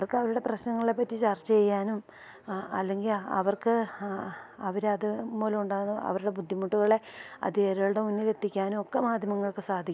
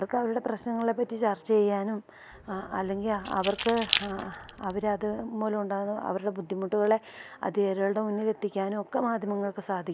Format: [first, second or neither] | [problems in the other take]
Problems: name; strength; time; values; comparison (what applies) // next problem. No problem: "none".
first | background sound (Keys jangling); 8 dB below the speech